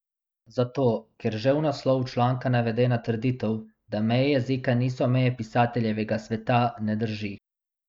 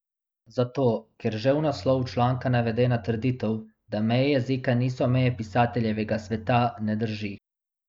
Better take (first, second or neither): first